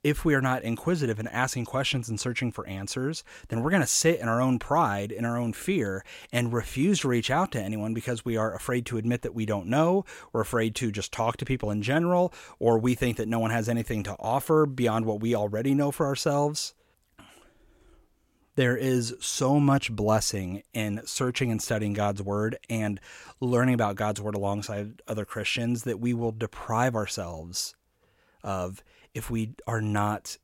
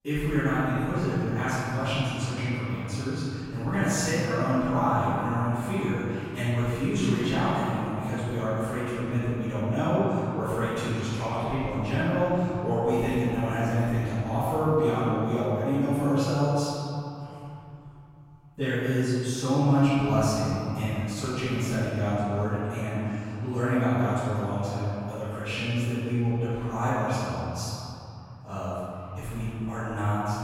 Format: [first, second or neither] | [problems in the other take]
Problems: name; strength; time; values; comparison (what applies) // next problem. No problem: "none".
first | off-mic speech; far // room echo; strong; dies away in 3 s